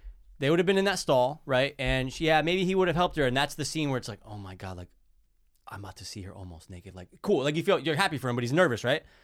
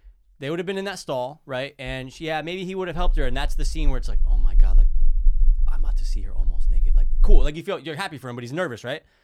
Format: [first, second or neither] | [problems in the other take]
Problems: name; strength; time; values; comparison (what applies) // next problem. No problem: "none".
first | low rumble; faint; from 3 to 7.5 s; 25 dB below the speech